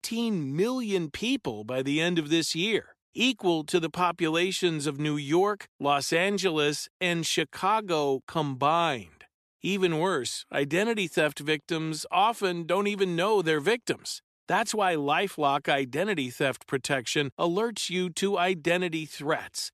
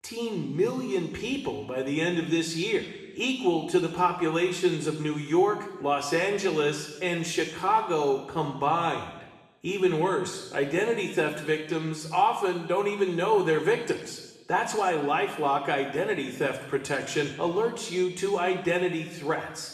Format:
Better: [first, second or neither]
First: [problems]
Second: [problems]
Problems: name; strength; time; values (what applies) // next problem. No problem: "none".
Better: first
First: none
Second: room echo; noticeable; dies away in 0.9 s // off-mic speech; somewhat distant